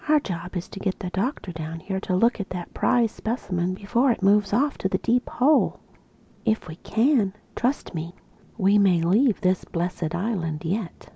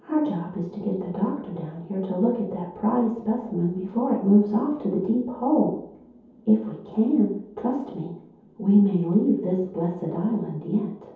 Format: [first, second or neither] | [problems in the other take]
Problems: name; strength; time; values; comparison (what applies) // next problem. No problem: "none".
first | room echo; dies away in 0.7 s